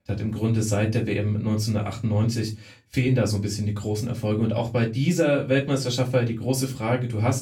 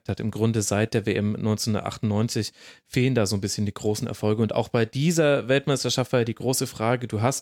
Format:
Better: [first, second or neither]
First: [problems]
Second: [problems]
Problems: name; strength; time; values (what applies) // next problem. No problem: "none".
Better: second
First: off-mic speech; far // room echo; very slight; dies away in 0.3 s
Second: none